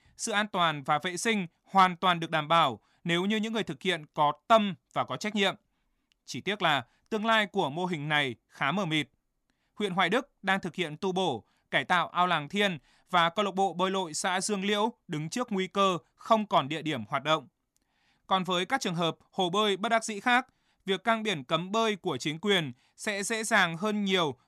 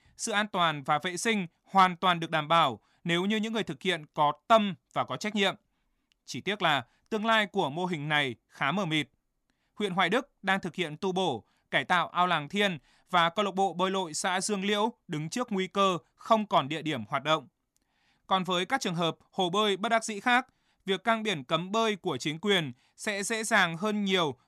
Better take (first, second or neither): neither